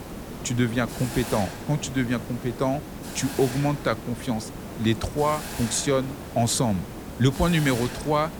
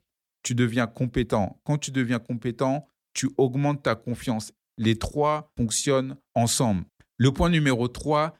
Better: second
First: hiss; loud; throughout; 10 dB below the speech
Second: none

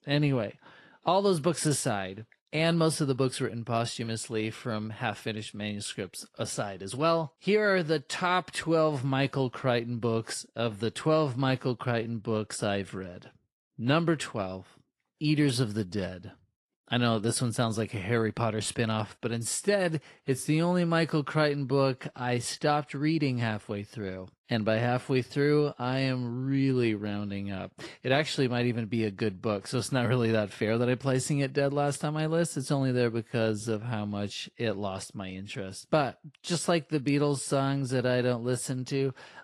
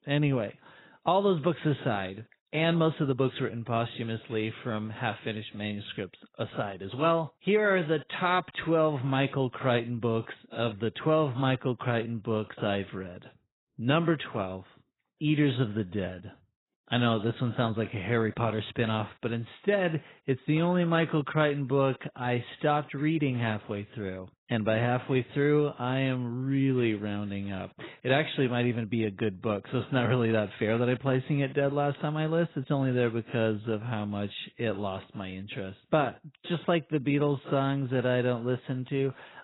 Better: first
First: garbled, watery; slightly; nothing above 11 kHz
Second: garbled, watery; badly; nothing above 4 kHz

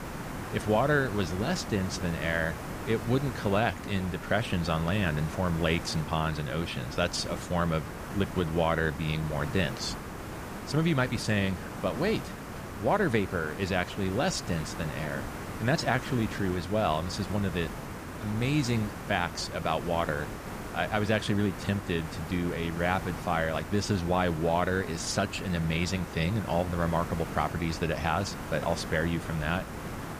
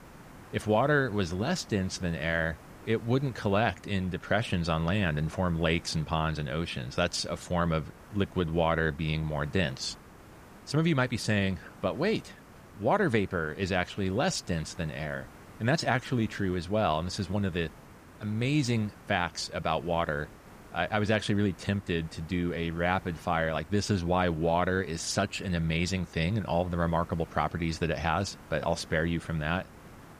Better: second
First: hiss; loud; throughout; 9 dB below the speech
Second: hiss; faint; throughout; 20 dB below the speech

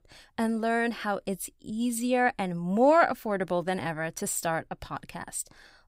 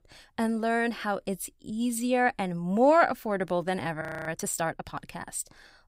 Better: first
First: none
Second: audio freezing; at 4 s

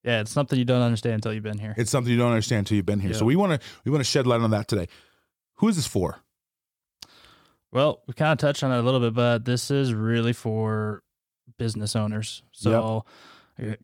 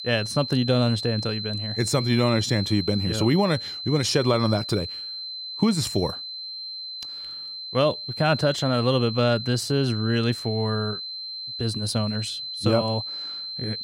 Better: first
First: none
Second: high-pitched whine; loud; throughout; 4 kHz, 7 dB below the speech

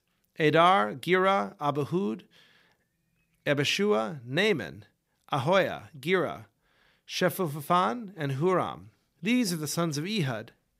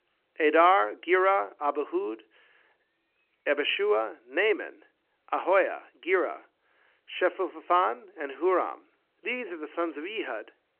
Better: first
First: none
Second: phone-call audio; nothing above 3 kHz

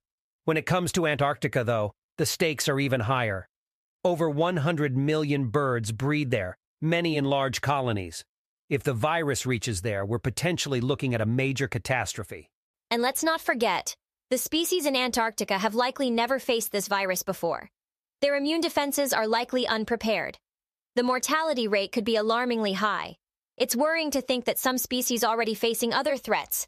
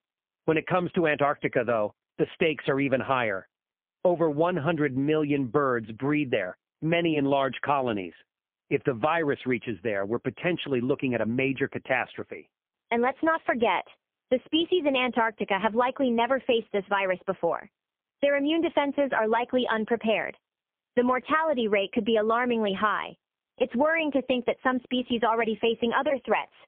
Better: first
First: none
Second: phone-call audio; poor line; nothing above 3.5 kHz

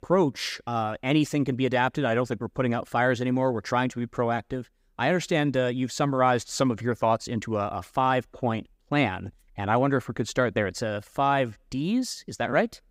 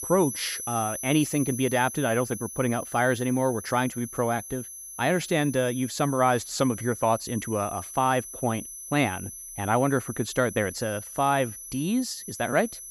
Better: first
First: none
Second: high-pitched whine; loud; throughout; 11 kHz, 10 dB below the speech

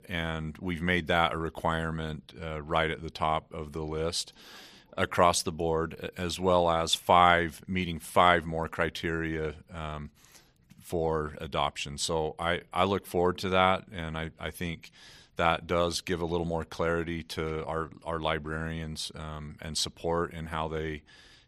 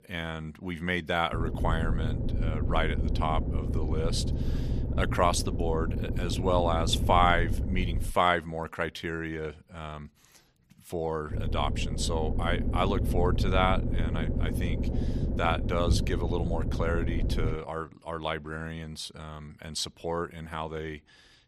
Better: first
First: none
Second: low rumble; noticeable; from 1.5 to 8 s and from 11 to 18 s; 10 dB below the speech

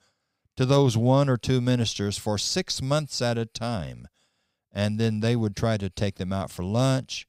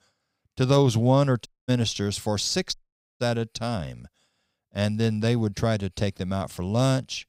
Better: first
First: none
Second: audio cutting out; at 1.5 s and at 2.5 s

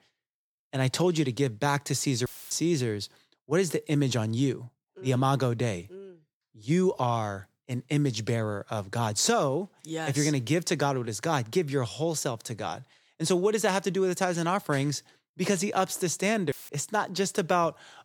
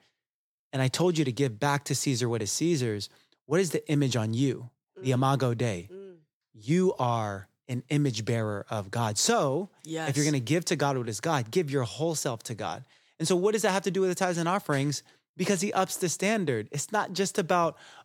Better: second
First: audio cutting out; filled with static; at 2.5 s and at 17 s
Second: none

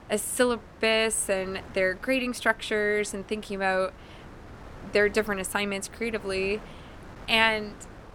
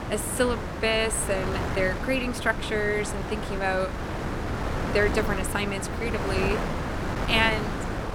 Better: first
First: wind noise on the microphone; occasional gusts; 20 dB below the speech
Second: wind noise on the microphone; heavy; 5 dB below the speech

